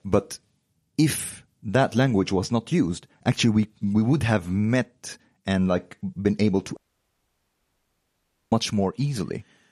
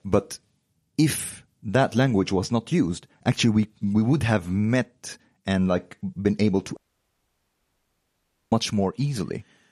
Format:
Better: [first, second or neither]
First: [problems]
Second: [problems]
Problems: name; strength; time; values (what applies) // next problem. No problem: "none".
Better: neither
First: audio cutting out; at 7 s for 2 s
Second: audio cutting out; at 7 s for 2 s